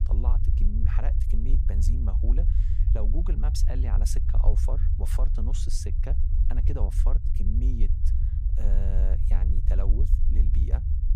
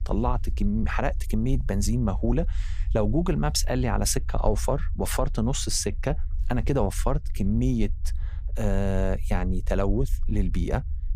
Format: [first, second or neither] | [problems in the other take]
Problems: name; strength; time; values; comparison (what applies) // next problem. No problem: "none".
second | low rumble; loud; throughout; 3 dB below the speech; faint in the second